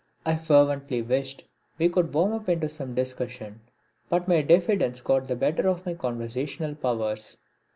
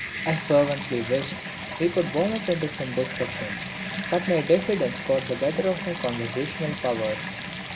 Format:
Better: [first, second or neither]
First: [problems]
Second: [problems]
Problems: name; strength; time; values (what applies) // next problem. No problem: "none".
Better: first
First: none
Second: background sound (Bathtub (filling or washing) / Water tap, faucet); 7 dB below the speech